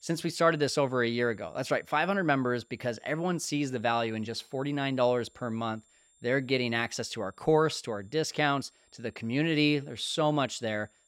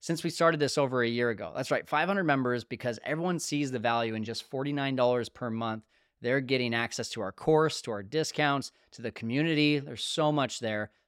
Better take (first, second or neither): second